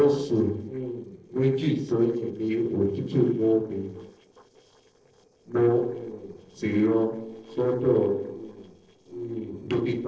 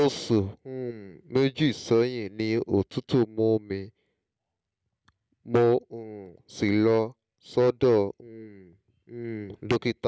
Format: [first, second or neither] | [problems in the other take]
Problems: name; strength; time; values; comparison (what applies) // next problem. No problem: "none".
second | noise reduction (neural separator model SepFormer DNS4)